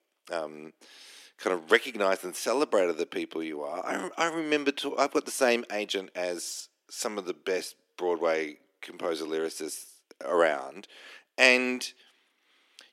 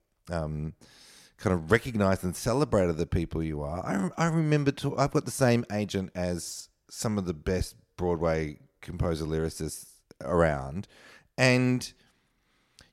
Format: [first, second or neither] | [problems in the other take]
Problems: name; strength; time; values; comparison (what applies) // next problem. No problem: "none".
second | thin; somewhat; fading below 300 Hz